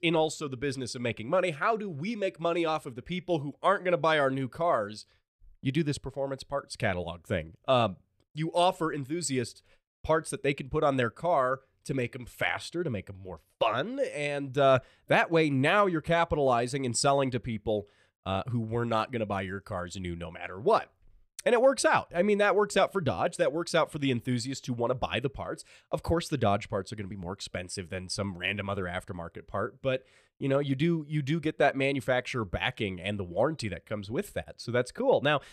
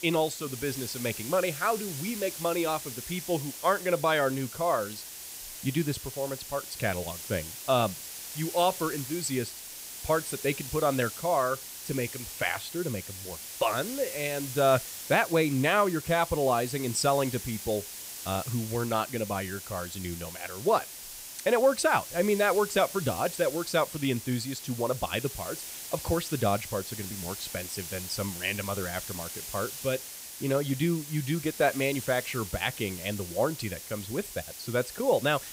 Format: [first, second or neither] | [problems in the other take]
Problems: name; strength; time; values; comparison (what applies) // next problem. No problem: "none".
first | hiss; loud; throughout; 9 dB below the speech